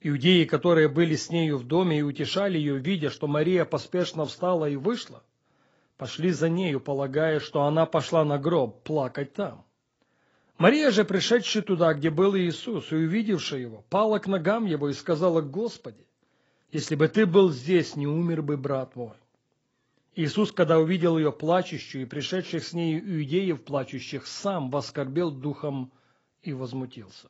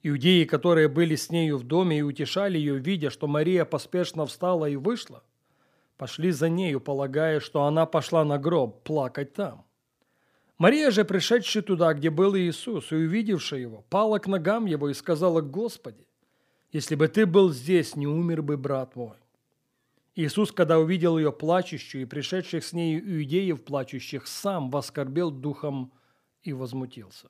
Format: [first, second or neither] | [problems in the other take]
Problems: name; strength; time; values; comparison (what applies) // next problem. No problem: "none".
second | garbled, watery; badly; nothing above 7.5 kHz